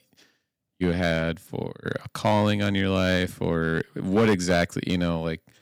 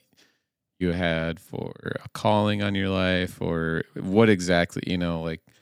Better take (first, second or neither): second